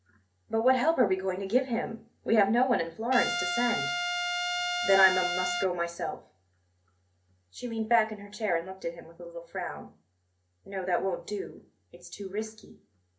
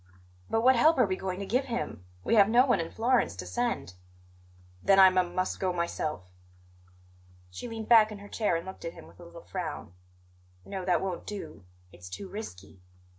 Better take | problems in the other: second | background sound (Trumpet); 1 dB below the speech // room echo; dies away in 0.3 s

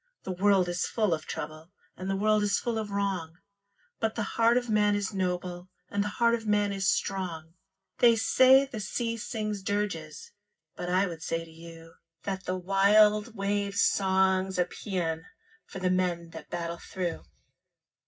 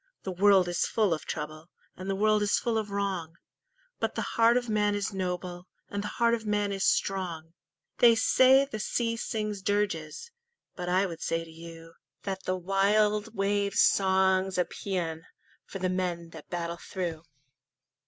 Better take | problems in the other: second | room echo; dies away in 0.4 s

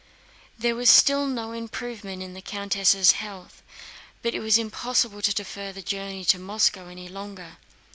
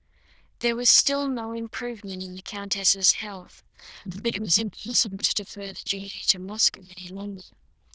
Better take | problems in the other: first | noise reduction (neural diffusion model UNIVERSE++)

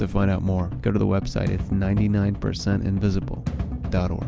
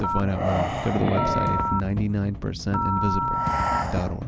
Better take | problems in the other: first | background sound (Breathing + Telephone); 1 dB below the speech

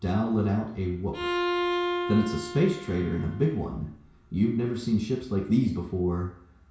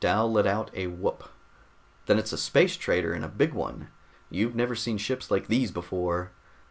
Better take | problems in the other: second | background sound (Bowed string instrument); 5 dB below the speech // room echo; dies away in 0.6 s

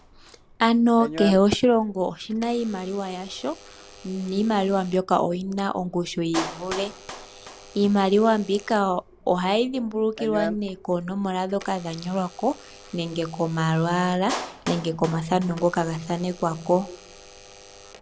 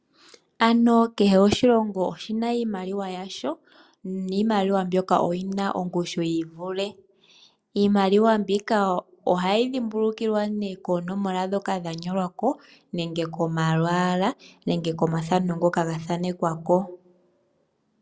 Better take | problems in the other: second | background sound (Clapping + Alarm / Door); 15 dB below the speech

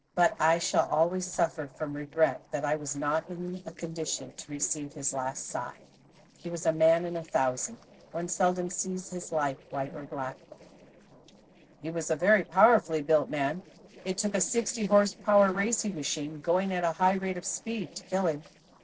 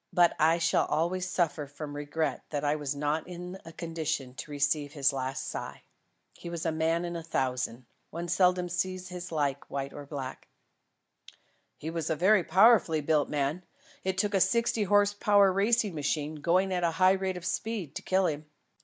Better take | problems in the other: second | noise reduction (neural separator model SepFormer DNS4)

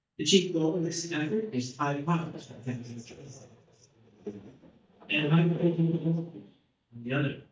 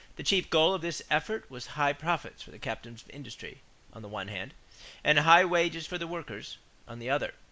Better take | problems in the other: second | noise reduction (neural mask model DeepFilterNet 3)

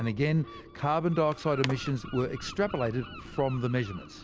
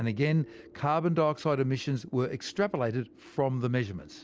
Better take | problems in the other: second | background sound (Skateboard + Gull, seagull); 14 dB below the speech

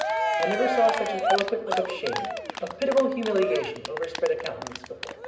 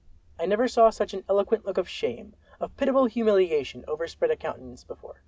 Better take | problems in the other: second | background sound (Cheering); 2 dB below the speech // room echo; dies away in 0.9 s

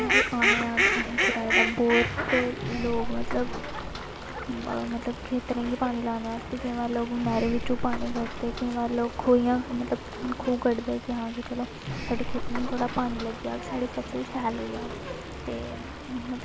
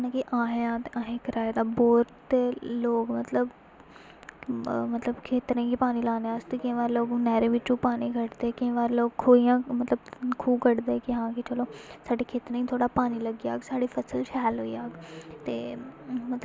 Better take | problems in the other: second | background sound (Sliding door + Fowl); 1 dB below the speech

